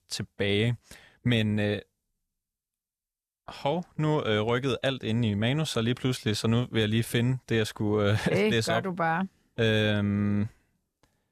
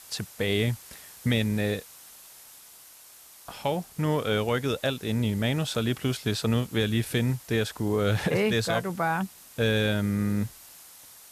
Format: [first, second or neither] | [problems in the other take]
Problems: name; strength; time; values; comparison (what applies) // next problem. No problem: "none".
first | hiss; noticeable; throughout; 20 dB below the speech